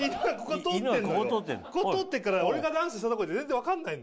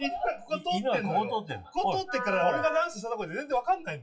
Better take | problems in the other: first | noise reduction (classical method WPE with log-MMSE)

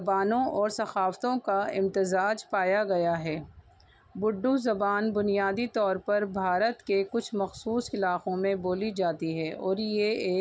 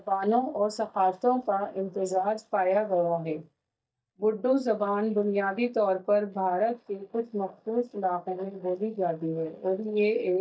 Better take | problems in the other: first | noise reduction (neural mask model DeepFilterNet 3)

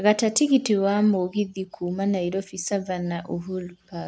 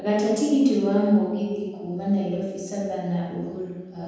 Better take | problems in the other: first | room echo; dies away in 1.2 s

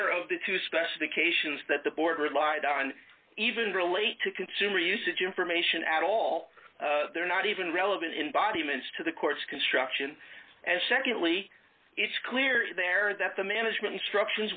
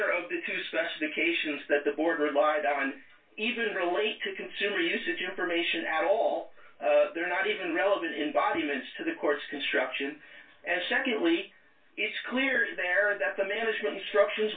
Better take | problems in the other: first | room echo; dies away in 0.2 s

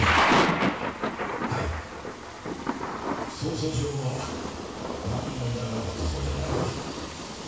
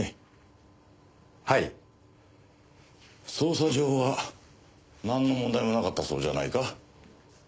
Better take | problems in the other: second | background sound (Thunder / Rain); 4 dB above the speech // room echo; dies away in 0.6 s

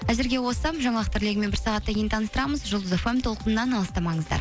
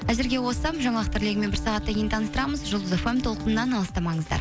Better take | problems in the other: first | background sound (Bowed string instrument); 12 dB below the speech

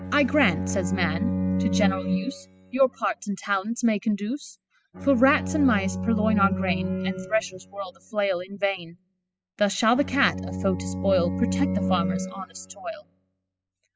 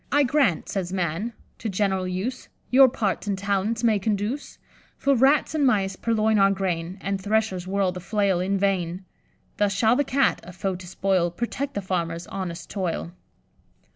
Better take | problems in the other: second | noise reduction (classical method spectral subtraction)

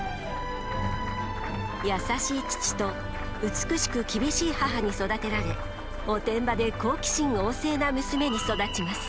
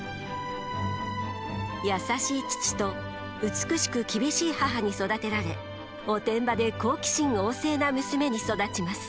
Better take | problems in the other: second | background sound (Applause + Purr); 6 dB below the speech

